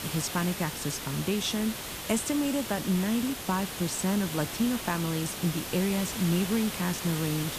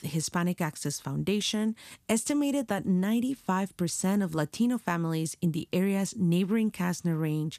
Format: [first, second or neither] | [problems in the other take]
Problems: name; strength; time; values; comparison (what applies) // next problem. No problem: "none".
second | hiss; loud; throughout; 5 dB below the speech